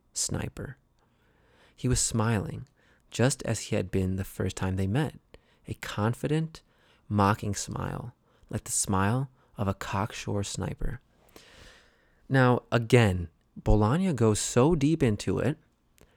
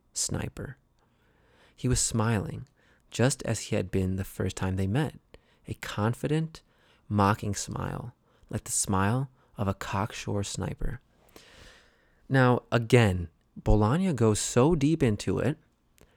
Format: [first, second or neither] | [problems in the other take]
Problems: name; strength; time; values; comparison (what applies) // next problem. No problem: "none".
neither | none